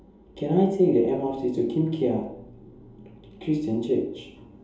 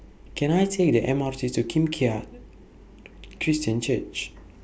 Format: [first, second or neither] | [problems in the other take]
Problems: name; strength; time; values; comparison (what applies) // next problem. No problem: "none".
second | room echo; dies away in 2.8 s